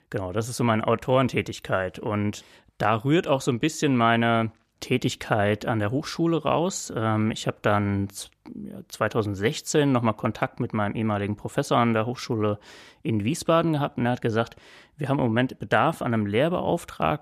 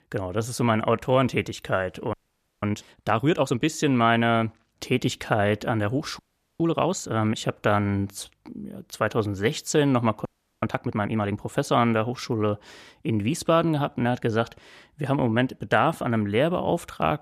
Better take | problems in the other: first | audio freezing; at 2 s, at 6 s and at 10 s

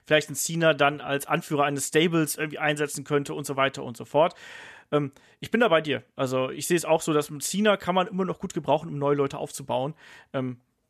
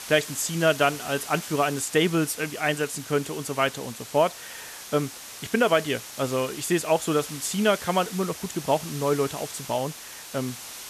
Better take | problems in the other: first | hiss; noticeable; throughout; 10 dB below the speech

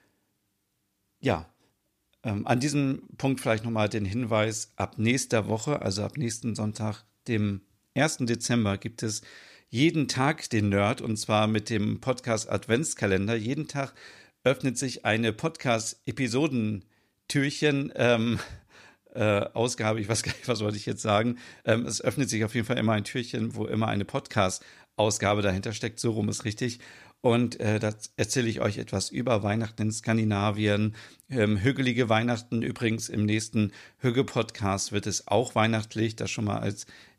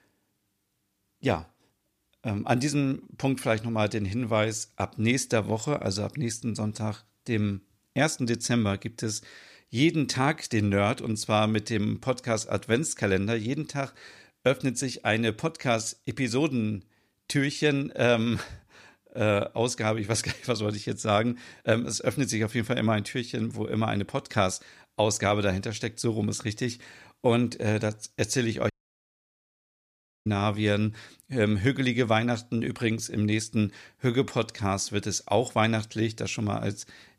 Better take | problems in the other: first | audio cutting out; at 29 s for 1.5 s

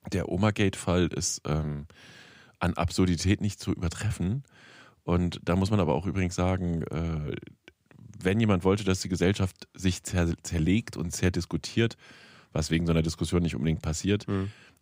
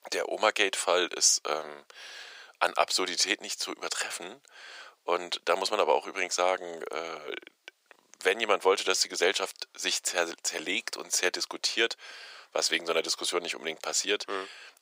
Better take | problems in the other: first | thin; very; fading below 500 Hz

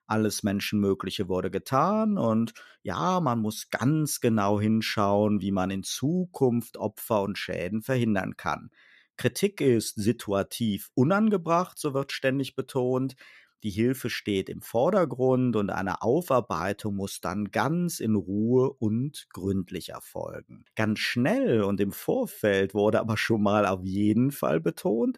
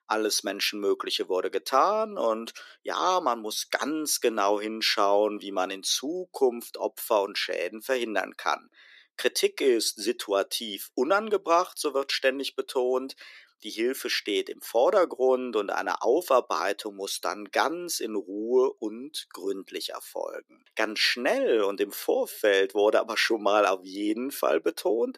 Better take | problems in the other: first | thin; very; fading below 350 Hz

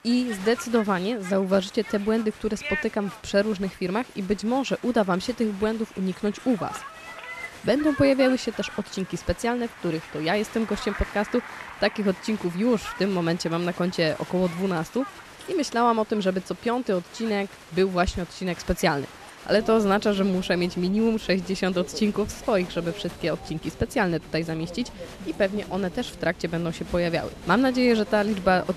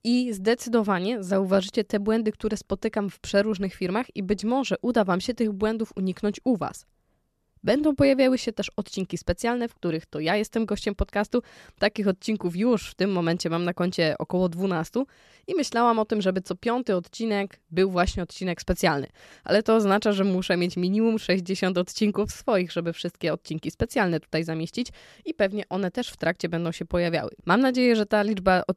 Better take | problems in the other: second | crowd noise; noticeable; throughout; 15 dB below the speech

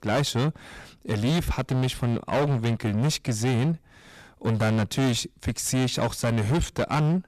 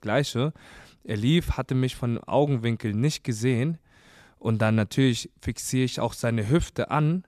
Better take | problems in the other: second | distortion; heavy; 21% of the sound clipped

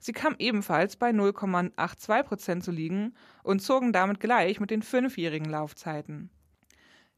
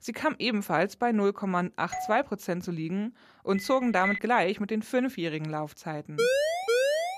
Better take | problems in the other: first | doorbell; noticeable; at 2 s; peak 7 dB below the speech // phone ringing; noticeable; at 3.5 s; peak 3 dB below the speech // siren; loud; at 6 s; peak 4 dB above the speech

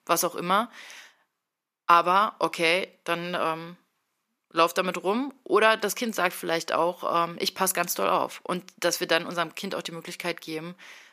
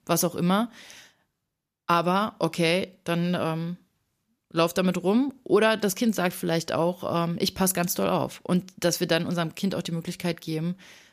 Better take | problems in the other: second | thin; somewhat; fading below 350 Hz

